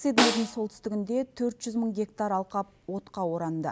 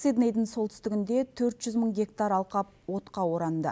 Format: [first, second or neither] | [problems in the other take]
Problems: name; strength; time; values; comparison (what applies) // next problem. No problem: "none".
second | background sound (Snare drum); 1 dB below the speech